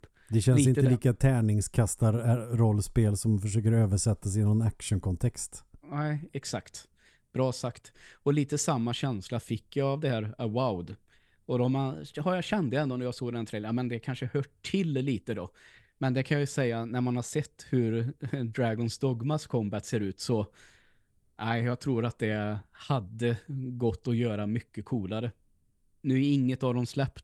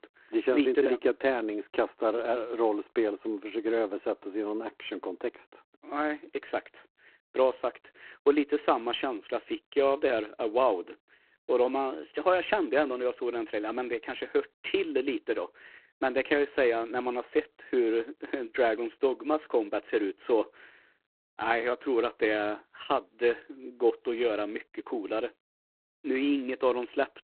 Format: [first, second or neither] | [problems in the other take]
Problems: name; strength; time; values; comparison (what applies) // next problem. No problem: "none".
first | phone-call audio; poor line